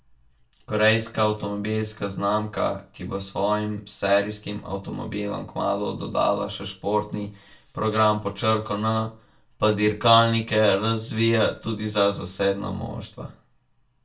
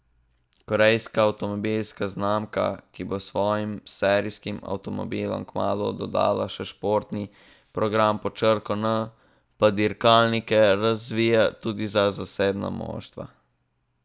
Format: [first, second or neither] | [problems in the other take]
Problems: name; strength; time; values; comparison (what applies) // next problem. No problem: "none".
second | room echo; dies away in 0.2 s